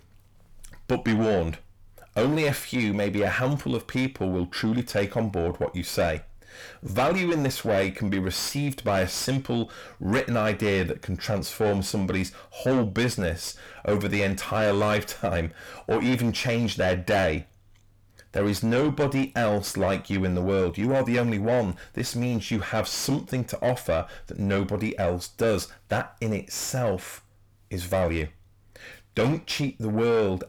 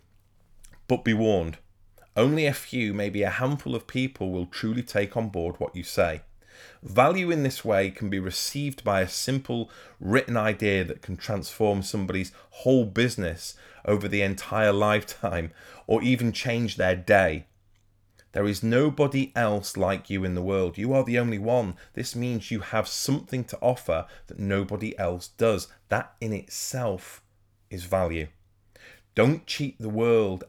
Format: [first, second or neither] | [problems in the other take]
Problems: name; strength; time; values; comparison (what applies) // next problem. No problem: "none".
second | distortion; heavy; 7 dB below the speech